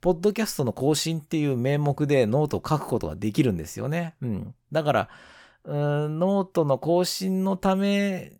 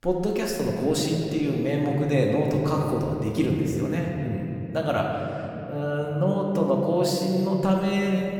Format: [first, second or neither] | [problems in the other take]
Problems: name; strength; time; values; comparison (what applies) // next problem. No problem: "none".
first | room echo; noticeable; dies away in 3 s // off-mic speech; somewhat distant